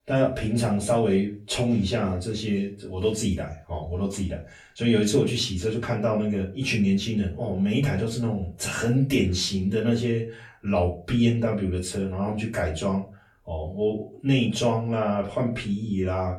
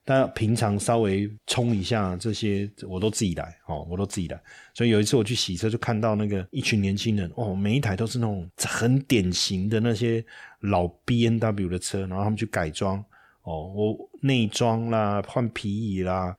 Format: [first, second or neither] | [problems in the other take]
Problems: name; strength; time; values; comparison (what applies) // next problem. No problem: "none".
second | off-mic speech; far // room echo; slight; dies away in 0.3 s